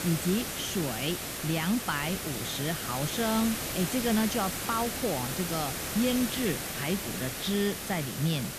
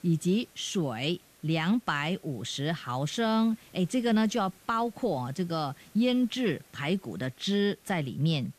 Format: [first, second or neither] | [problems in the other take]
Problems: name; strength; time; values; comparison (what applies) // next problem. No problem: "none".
second | hiss; loud; throughout; 2 dB below the speech; faint in the second